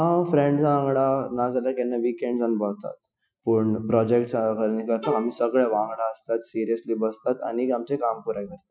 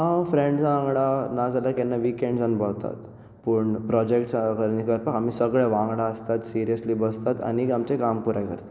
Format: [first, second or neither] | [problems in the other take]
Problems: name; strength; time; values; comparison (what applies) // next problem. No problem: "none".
second | noise reduction (classical method Wiener filter)